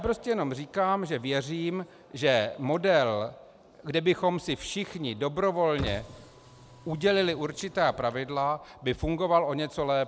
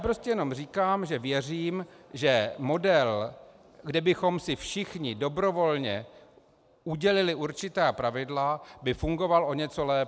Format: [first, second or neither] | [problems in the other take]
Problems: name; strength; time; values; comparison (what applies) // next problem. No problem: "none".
second | background sound (Car); 15 dB below the speech